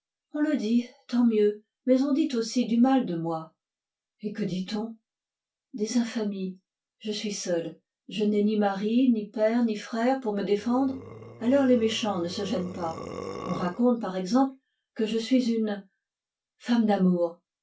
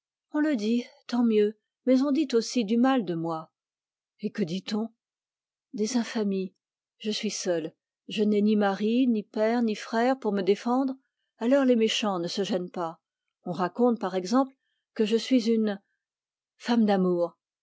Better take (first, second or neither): second